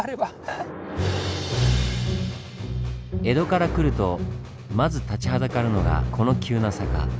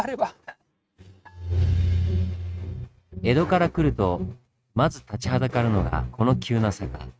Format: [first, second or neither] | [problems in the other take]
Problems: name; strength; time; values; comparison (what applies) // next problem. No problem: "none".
first | noise reduction (neural mask model RNNoise)